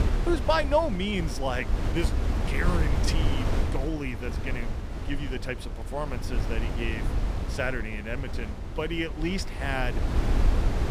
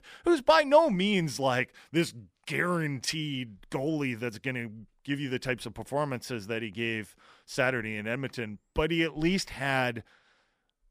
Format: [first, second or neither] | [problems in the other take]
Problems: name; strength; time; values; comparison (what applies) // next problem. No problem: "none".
second | wind noise on the microphone; heavy; 7 dB below the speech